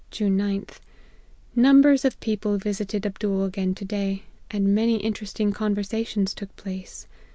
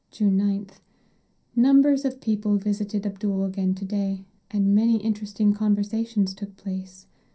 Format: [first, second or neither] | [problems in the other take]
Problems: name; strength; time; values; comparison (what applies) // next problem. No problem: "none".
first | room echo; dies away in 0.3 s